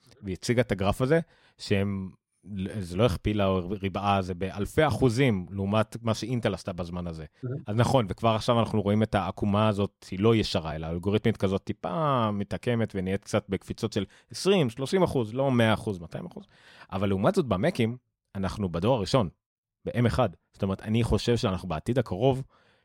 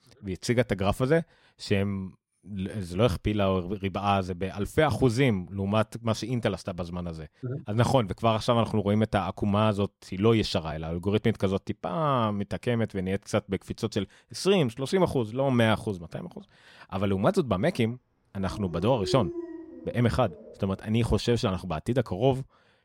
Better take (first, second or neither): first